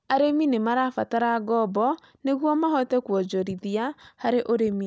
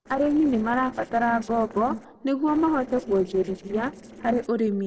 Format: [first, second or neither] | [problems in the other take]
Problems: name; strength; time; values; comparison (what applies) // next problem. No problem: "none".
first | noise reduction (neural separator model SepFormer DNS4)